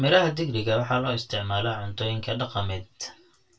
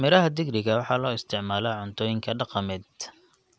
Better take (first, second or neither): second